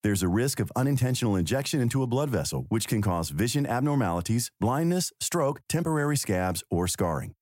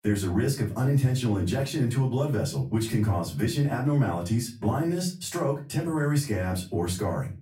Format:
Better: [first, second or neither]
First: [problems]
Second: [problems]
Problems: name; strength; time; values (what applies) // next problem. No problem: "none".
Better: first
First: none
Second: off-mic speech; far // room echo; very slight; dies away in 0.3 s